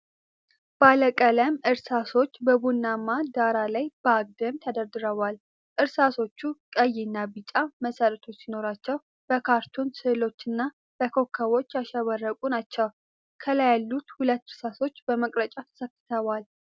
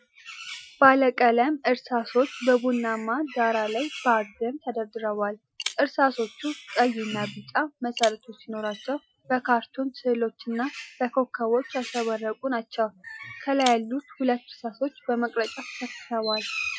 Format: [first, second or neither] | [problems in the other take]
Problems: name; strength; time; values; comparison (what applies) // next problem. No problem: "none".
first | noise reduction (classical method Wiener filter)